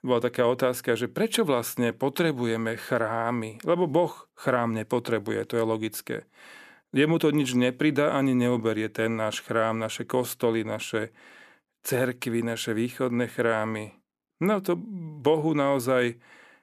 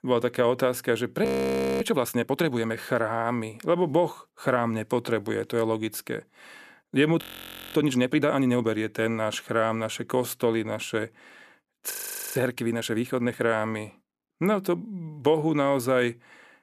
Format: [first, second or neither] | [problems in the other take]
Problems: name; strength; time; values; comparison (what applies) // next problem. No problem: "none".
first | audio freezing; at 1.5 s for 0.5 s, at 7 s for 0.5 s and at 12 s